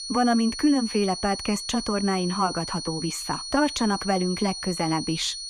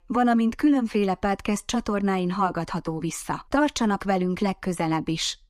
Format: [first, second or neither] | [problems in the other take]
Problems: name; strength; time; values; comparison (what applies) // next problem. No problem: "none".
second | high-pitched whine; loud; throughout; 4.5 kHz, 7 dB below the speech